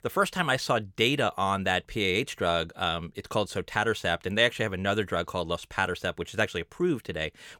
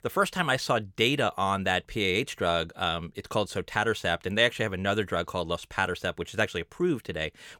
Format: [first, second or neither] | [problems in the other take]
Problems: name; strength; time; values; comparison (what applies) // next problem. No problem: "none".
neither | none